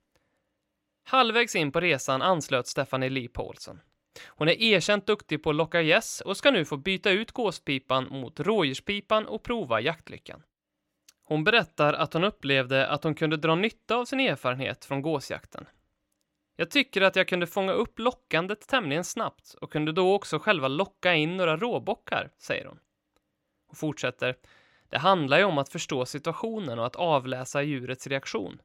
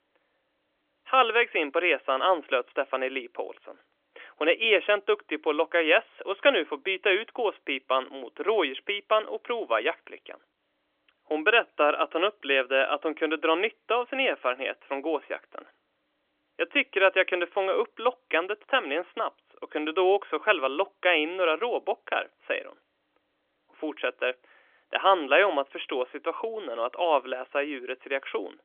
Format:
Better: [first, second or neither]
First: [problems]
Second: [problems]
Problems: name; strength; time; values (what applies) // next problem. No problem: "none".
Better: first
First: none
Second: phone-call audio; nothing above 3.5 kHz